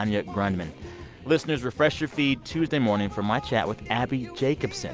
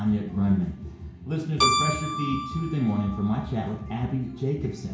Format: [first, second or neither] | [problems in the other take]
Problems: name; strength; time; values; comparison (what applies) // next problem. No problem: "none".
first | background sound (Keyboard (musical)); 5 dB below the speech // room echo; dies away in 0.6 s